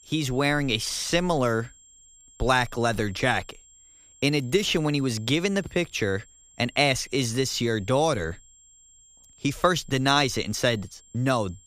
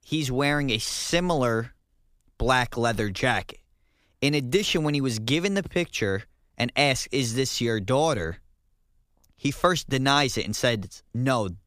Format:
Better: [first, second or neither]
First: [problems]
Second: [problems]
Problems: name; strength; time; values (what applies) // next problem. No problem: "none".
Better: second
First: high-pitched whine; faint; throughout; 7.5 kHz, 25 dB below the speech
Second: none